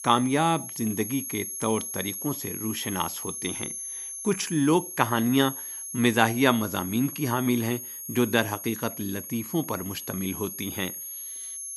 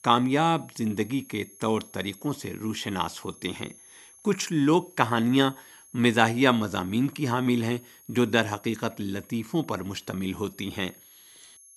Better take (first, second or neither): second